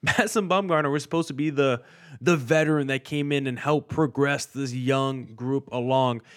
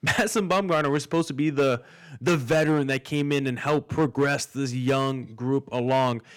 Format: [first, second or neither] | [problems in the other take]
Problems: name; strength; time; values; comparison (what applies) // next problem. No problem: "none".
first | distortion; slight; 5% of the sound clipped